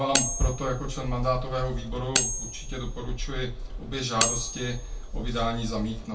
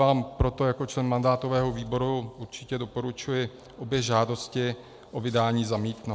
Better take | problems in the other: second | background sound (Cutlery, silverware); 1 dB below the speech // room echo; dies away in 0.2 s

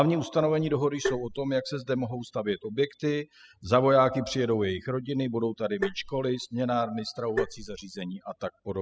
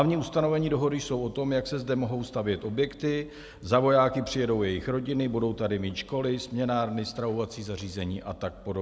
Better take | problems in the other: second | noise reduction (classical method spectral subtraction)

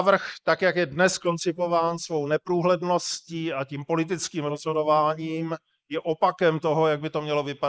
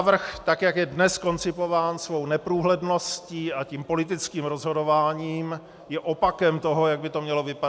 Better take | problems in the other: second | noise reduction (neural mask model Resemble Enhance denoiser)

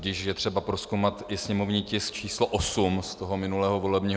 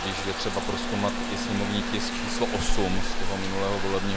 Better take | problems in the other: first | background sound (Trickle, dribble / Bathtub (filling or washing) / Water tap, faucet); 3 dB above the speech

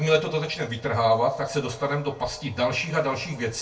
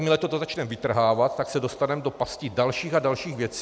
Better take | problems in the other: second | room echo; dies away in 0.2 s

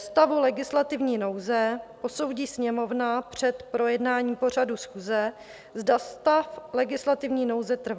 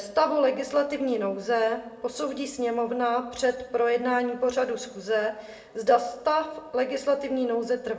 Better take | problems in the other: first | room echo; dies away in 0.6 s

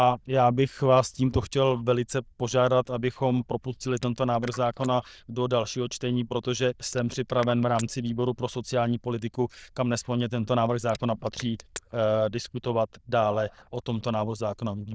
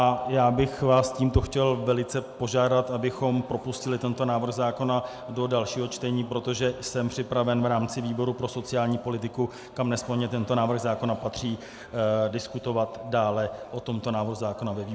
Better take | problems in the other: second | noise reduction (neural diffusion model UNIVERSE++)

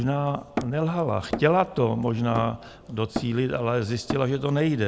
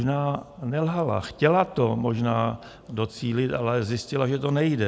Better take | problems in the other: second | background sound (Hammer); 12 dB below the speech

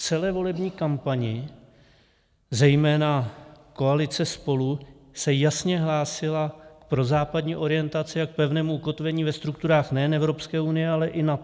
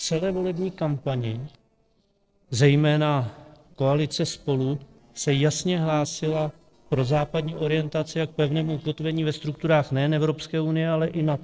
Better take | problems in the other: first | noise reduction (neural separator model SepFormer DNS4)

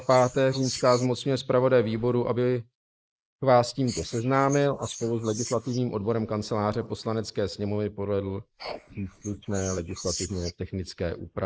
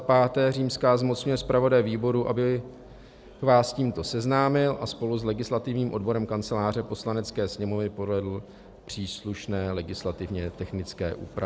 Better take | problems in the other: second | noise reduction (neural mask model Resemble Enhance denoiser)

